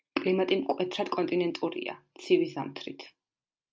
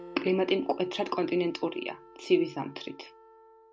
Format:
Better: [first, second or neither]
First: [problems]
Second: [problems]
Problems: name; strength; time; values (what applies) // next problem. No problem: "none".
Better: first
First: none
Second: background sound (Acoustic guitar + Wind instrument, woodwind instrument); 19 dB below the speech